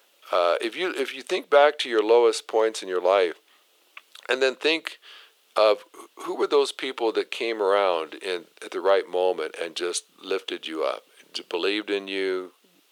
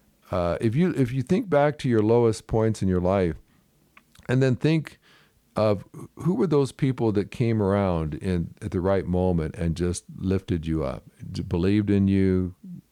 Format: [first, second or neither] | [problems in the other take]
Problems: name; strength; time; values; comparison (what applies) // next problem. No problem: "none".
second | thin; very; fading below 400 Hz